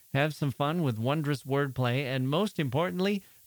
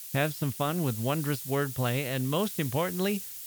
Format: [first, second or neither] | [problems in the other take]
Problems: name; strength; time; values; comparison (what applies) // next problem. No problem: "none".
first | hiss; loud; throughout; 7 dB below the speech; faint in the first